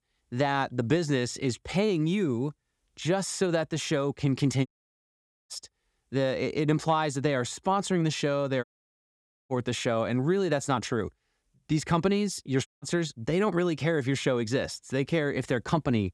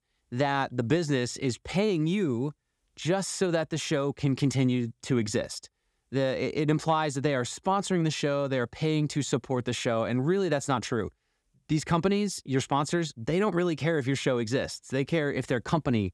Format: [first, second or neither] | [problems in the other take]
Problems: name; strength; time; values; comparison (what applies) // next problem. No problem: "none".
second | audio cutting out; at 4.5 s for 1 s, at 8.5 s for 1 s and at 13 s